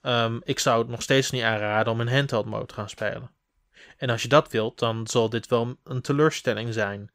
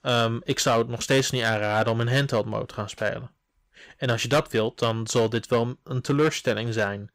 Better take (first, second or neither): first